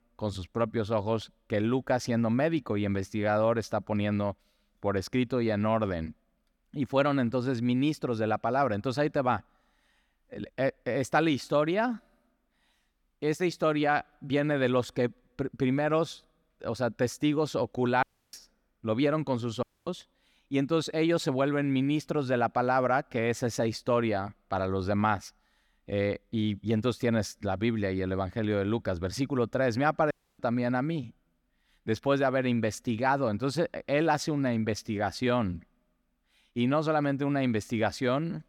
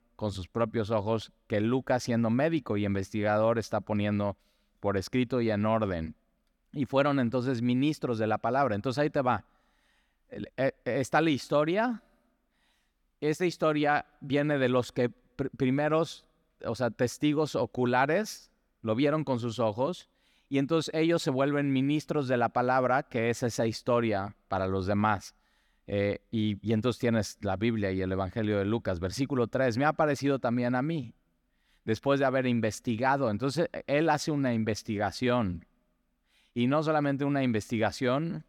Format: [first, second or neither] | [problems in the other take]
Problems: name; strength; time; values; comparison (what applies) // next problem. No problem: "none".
second | audio cutting out; at 18 s, at 20 s and at 30 s